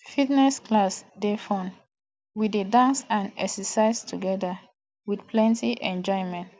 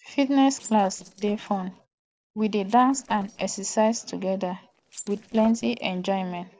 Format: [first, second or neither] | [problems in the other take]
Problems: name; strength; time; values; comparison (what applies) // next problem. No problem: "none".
first | noise reduction (neural separator model SepFormer DNS4)